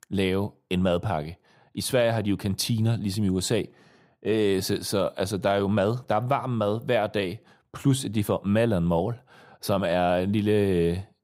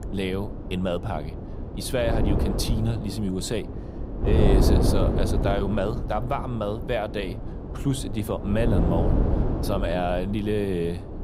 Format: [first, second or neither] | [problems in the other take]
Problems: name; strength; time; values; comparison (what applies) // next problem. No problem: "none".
first | wind noise on the microphone; heavy; 4 dB below the speech